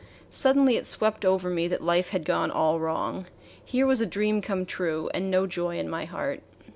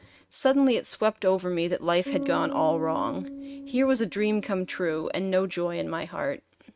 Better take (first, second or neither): first